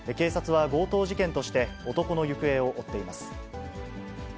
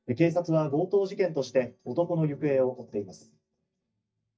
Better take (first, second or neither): first